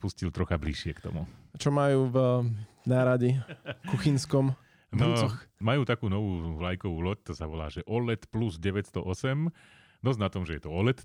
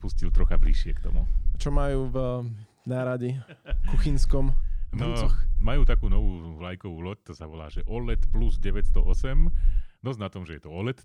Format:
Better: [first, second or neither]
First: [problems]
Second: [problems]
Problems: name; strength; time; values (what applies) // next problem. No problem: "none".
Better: first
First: none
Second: low rumble; noticeable; until 2.5 s, from 3.5 to 6.5 s and from 7.5 to 10 s; 20 dB below the speech